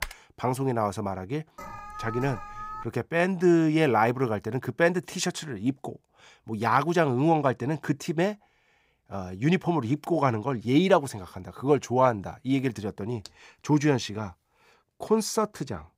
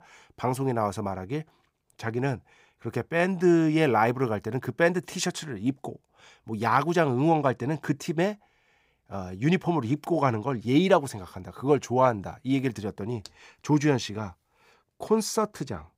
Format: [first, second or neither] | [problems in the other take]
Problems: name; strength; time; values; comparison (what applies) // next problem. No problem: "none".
second | keyboard typing; faint; at the start; peak 10 dB below the speech // alarm; faint; from 1.5 to 3 s; peak 10 dB below the speech